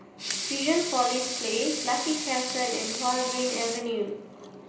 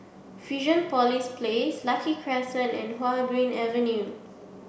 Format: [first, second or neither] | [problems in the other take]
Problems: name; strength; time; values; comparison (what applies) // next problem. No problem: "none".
second | background sound (Sink (filling or washing) / Water tap, faucet / Liquid); 4 dB below the speech // room echo; dies away in 0.5 s